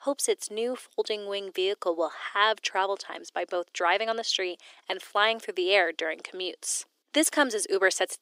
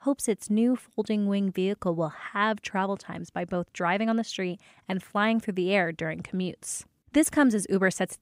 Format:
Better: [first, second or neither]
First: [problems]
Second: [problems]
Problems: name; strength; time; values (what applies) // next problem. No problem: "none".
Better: second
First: thin; very; fading below 350 Hz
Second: none